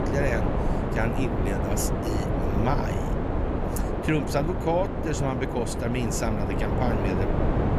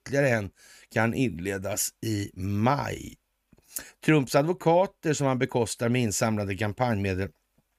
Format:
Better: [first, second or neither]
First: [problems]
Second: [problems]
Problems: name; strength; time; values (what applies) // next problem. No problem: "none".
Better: second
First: wind noise on the microphone; heavy; as loud as the speech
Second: none